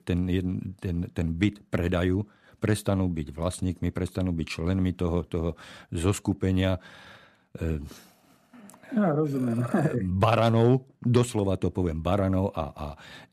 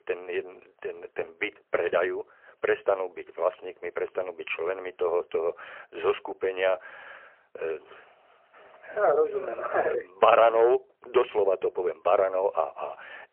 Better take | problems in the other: first | phone-call audio; poor line; nothing above 3 kHz

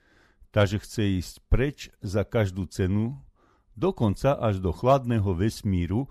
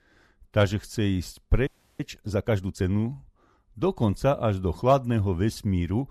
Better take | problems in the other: first | audio freezing; at 1.5 s

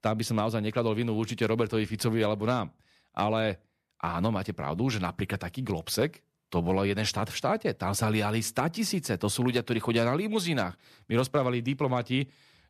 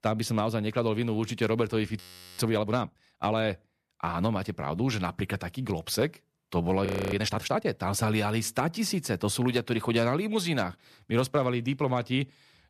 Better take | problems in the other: first | audio freezing; at 2 s and at 7 s

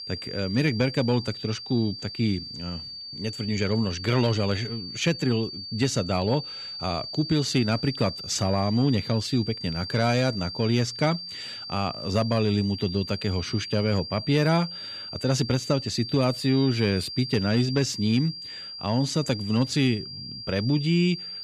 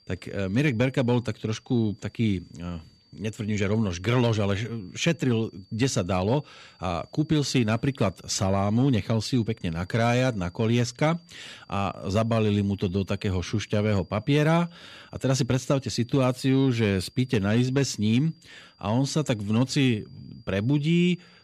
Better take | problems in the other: second | high-pitched whine; loud; throughout; 4.5 kHz, 9 dB below the speech; faint in the second

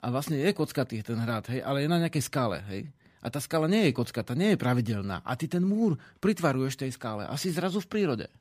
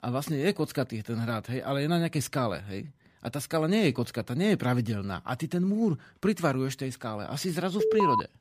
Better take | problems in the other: first | alarm; loud; at 8 s; peak 4 dB above the speech

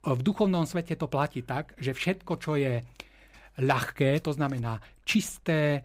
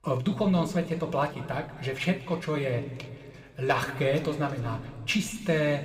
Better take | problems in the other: first | room echo; slight; dies away in 1.8 s

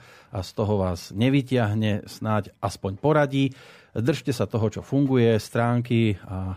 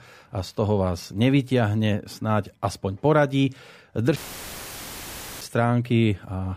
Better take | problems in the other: first | audio cutting out; filled with static; at 4 s for 1.5 s

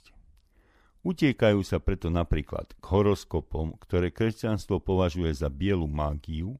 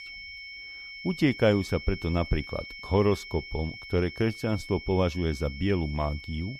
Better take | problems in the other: first | high-pitched whine; noticeable; throughout; 2 kHz, 10 dB below the speech

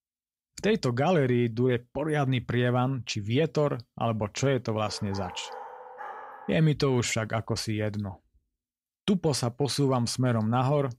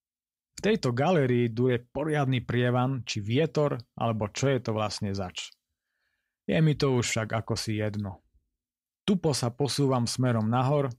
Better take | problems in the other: second | dog barking; faint; from 5 to 6.5 s; peak 15 dB below the speech

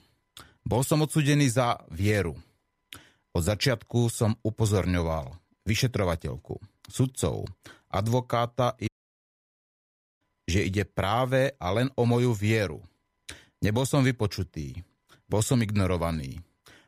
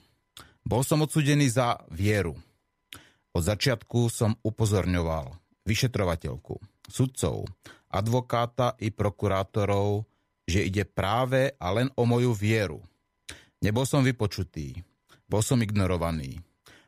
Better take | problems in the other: second | audio cutting out; at 9 s for 1.5 s

